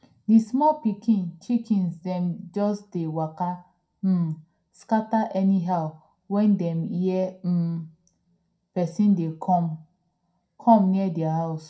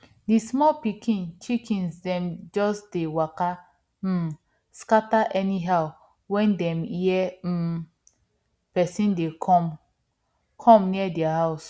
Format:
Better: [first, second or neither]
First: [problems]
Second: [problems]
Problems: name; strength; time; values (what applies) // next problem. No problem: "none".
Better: second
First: room echo; dies away in 0.2 s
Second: none